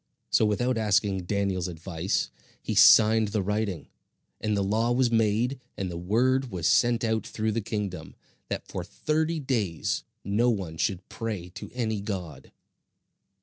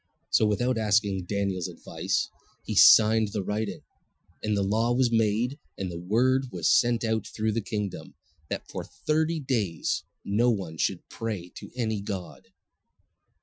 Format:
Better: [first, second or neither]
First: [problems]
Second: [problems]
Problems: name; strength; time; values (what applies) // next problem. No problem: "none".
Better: first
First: none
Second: noise reduction (classical method Wiener filter)